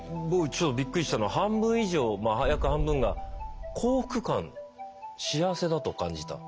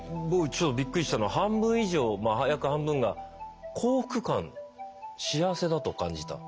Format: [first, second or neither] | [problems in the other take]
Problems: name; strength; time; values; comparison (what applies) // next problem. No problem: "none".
second | background sound (Boom); 6 dB below the speech